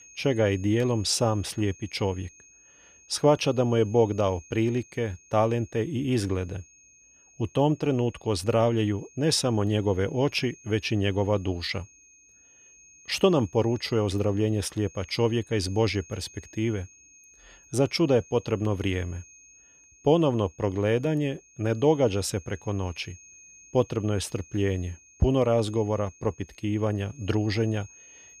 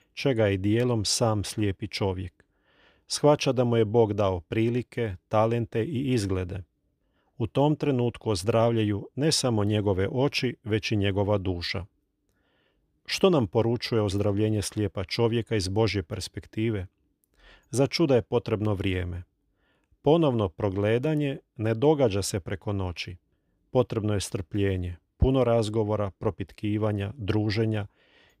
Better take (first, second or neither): second